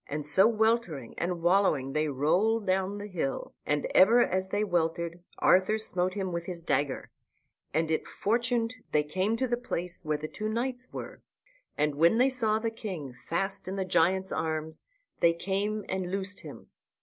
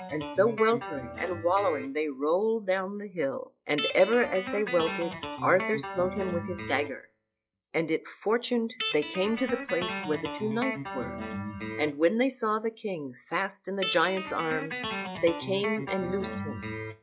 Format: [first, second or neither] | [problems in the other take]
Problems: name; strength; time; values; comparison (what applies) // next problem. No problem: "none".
first | noise reduction (classical method log-MMSE)